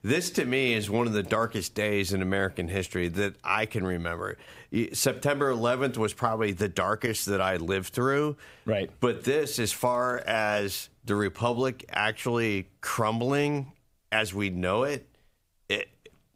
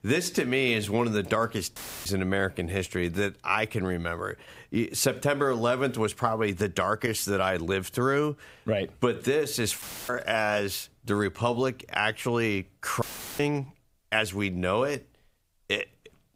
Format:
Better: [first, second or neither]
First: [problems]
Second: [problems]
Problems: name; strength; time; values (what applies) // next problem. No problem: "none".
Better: first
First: none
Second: audio cutting out; filled with static; at 2 s, at 10 s and at 13 s